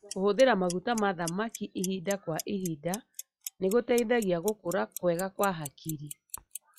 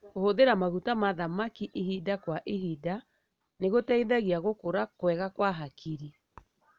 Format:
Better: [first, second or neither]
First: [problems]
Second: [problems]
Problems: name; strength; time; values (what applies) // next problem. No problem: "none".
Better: second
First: noise reduction (classical method log-MMSE)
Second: none